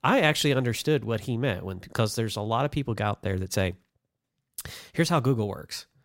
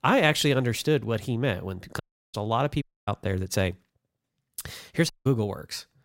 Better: first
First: none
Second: audio cutting out; at 2 s, at 3 s and at 5 s

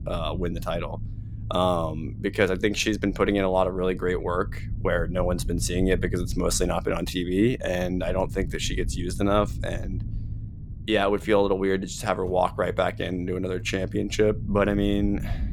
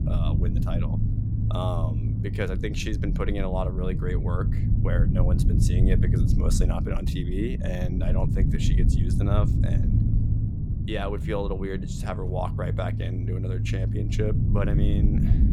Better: first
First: low rumble; faint; throughout; 20 dB below the speech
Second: low rumble; loud; throughout; 4 dB below the speech

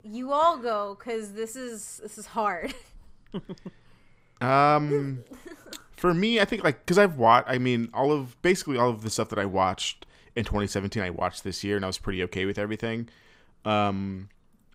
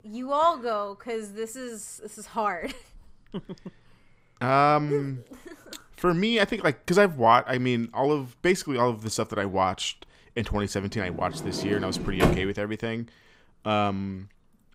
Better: first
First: none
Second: door banging; loud; from 11 to 12 s; peak 1 dB above the speech

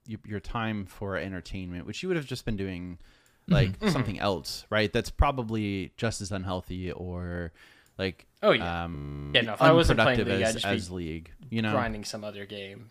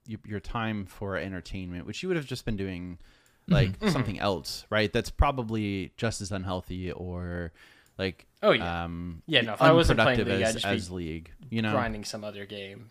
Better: second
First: audio freezing; at 9 s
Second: none

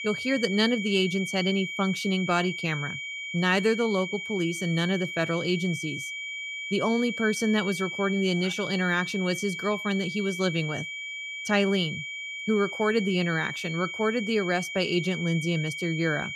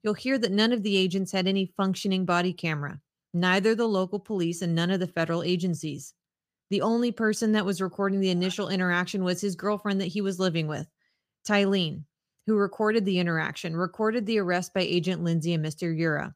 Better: second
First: high-pitched whine; loud; throughout; 2.5 kHz, 6 dB below the speech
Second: none

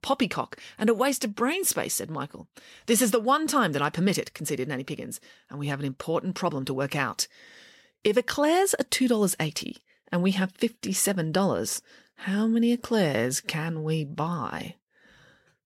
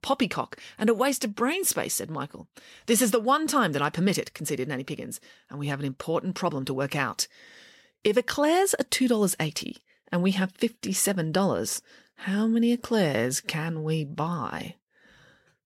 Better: neither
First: none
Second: none

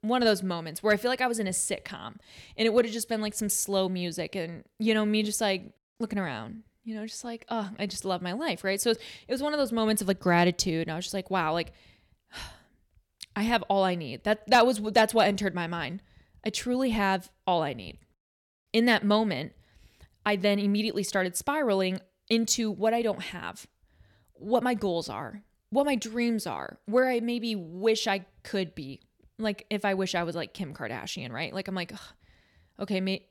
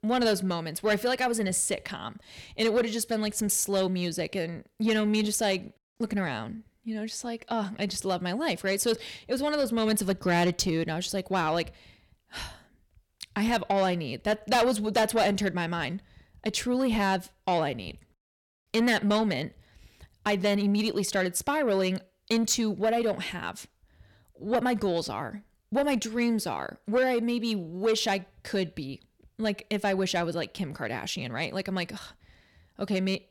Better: first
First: none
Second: distortion; slight; 10 dB below the speech

